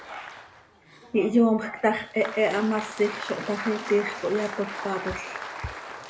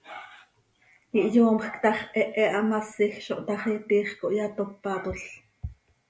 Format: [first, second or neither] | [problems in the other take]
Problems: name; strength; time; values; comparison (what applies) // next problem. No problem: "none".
second | background sound (Applause); 11 dB below the speech